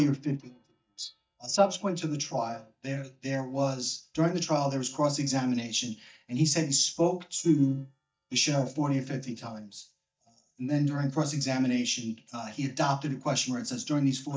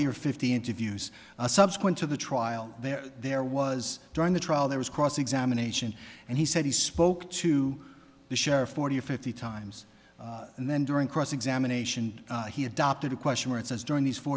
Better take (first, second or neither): second